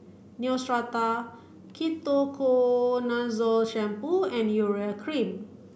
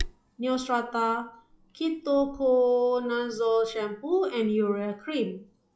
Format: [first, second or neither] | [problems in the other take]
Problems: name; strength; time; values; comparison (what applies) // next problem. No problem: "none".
first | noise reduction (classical method log-MMSE)